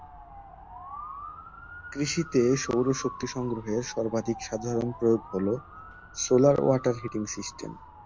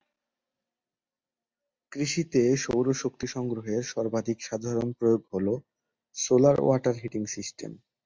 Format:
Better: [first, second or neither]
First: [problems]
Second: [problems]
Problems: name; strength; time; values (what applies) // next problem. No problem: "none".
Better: second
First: background sound (Motor vehicle (road) / Siren); 15 dB below the speech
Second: none